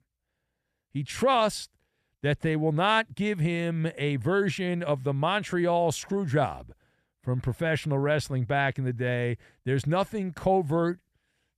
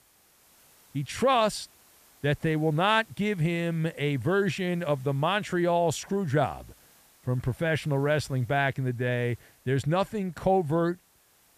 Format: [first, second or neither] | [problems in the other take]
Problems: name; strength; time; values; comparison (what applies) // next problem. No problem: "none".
first | hiss; faint; throughout; 30 dB below the speech